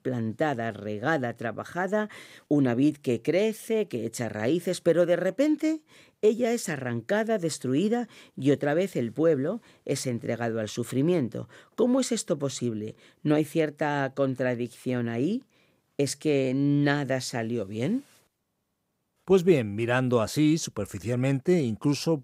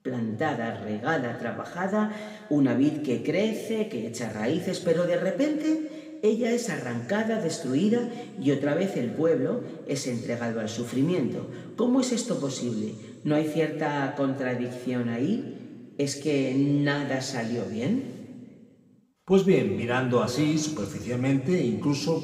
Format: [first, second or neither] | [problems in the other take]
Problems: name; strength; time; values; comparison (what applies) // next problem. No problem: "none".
first | room echo; slight; dies away in 1.8 s // off-mic speech; somewhat distant